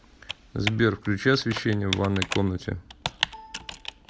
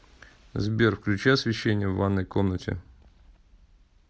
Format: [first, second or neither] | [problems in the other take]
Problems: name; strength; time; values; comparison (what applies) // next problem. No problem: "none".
second | background sound (Computer keyboard); 8 dB below the speech